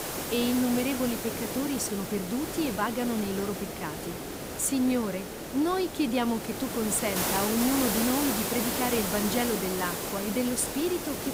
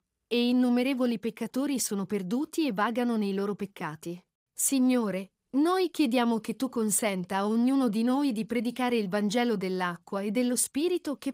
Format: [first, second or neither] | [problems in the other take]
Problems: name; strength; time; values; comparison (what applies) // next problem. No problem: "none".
second | hiss; loud; throughout; 2 dB below the speech